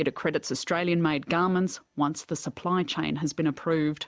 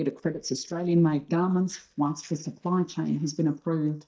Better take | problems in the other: first | noise reduction (neural mask model DeepFilterNet 3)

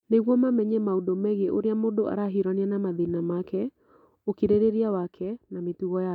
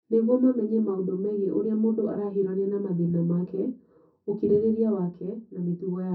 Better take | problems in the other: first | room echo; dies away in 0.3 s

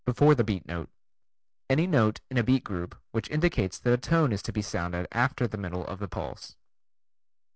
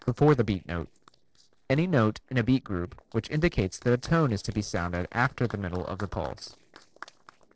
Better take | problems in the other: first | noise reduction (neural separator model SepFormer DNS4)

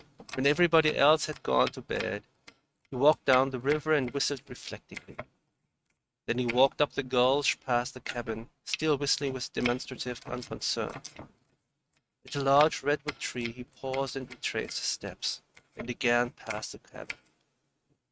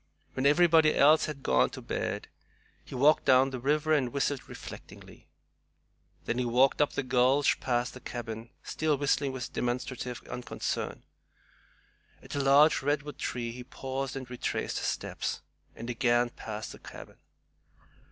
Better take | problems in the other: second | noise reduction (neural mask model RNNoise)

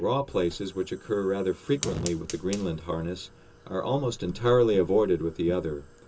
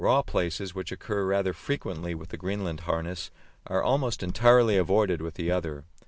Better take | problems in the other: second | background sound (Fire); 17 dB below the speech // room echo; dies away in 0.2 s

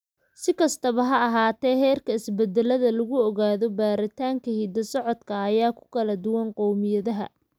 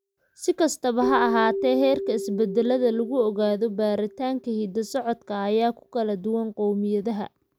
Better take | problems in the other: first | background sound (Keyboard (musical)); 9 dB below the speech

